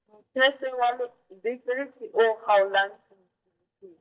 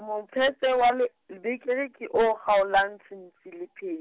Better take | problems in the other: second | noise reduction (neural mask model DeepFilterNet 3)

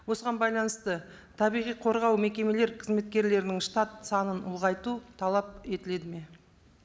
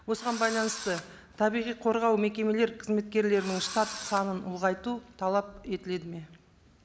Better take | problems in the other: first | background sound (Engine / Drill); 12 dB below the speech

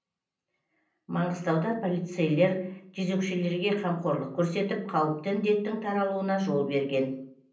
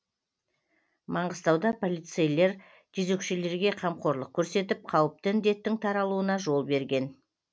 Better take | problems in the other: second | room echo; dies away in 0.6 s

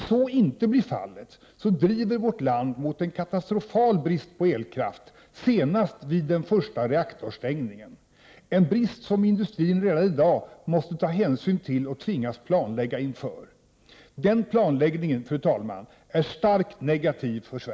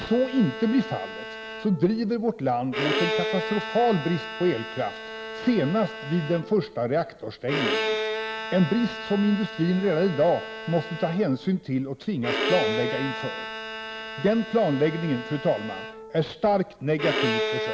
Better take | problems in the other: first | background sound (Bowed string instrument); 6 dB below the speech

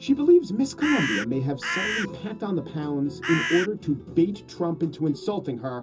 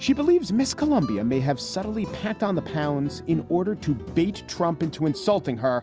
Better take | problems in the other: second | background sound (Bird); 3 dB below the speech // room echo; dies away in 0.2 s

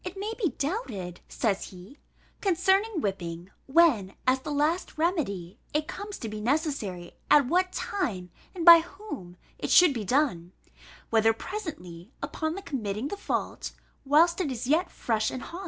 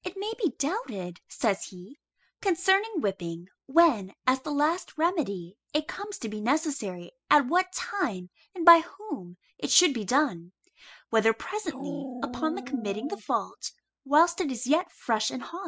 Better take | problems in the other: first | noise reduction (classical method spectral subtraction)

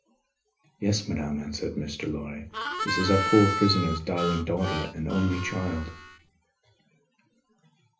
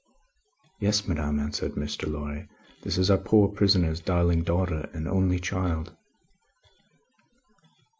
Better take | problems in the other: second | background sound (Harmonica); 4 dB below the speech // room echo; dies away in 0.3 s

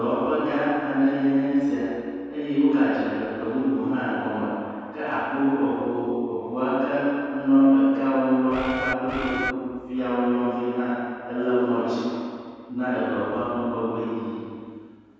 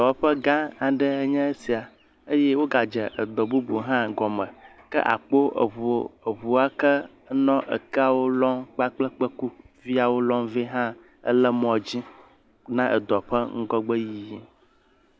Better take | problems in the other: second | background sound (Bird); 5 dB below the speech // room echo; dies away in 2.1 s

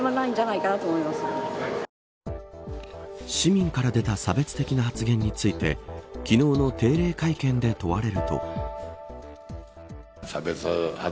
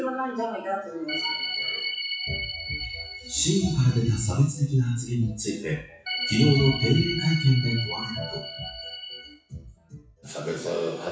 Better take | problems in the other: first | noise reduction (classical method WPE with log-MMSE)

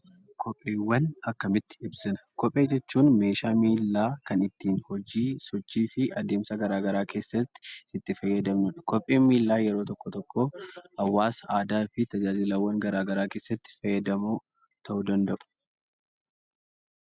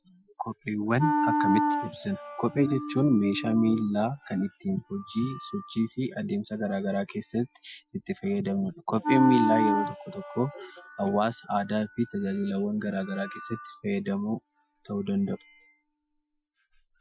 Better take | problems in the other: first | noise reduction (classical method Wiener filter)

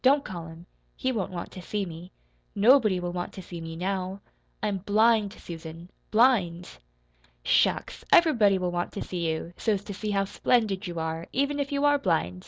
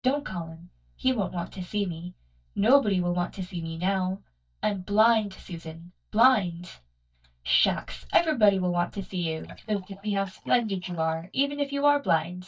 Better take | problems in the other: first | noise reduction (neural mask model DeepFilterNet 3)

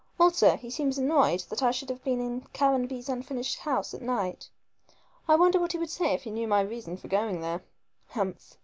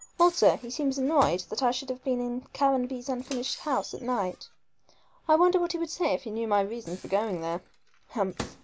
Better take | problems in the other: first | background sound (Microwave oven); 20 dB below the speech

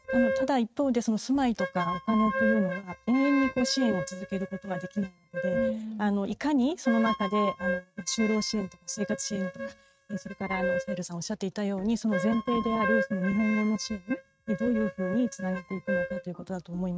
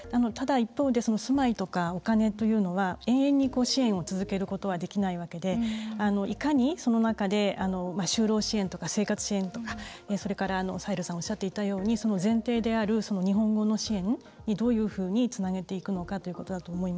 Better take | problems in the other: second | noise reduction (neural mask model RNNoise)

